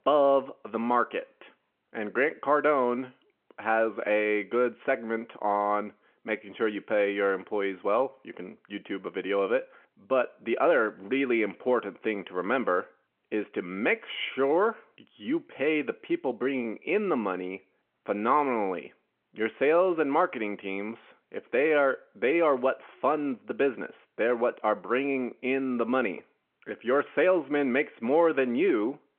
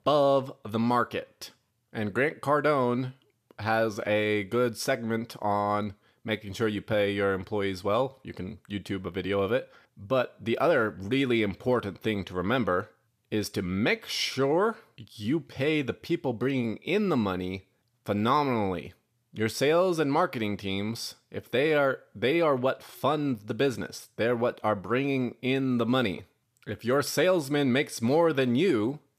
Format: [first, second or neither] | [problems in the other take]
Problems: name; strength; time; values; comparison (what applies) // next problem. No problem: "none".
second | phone-call audio